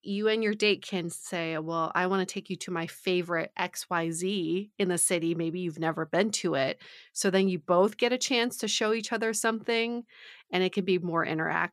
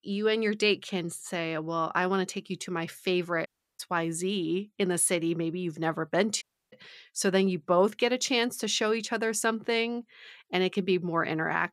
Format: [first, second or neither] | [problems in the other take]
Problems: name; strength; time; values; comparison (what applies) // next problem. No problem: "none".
first | audio cutting out; at 3.5 s and at 6.5 s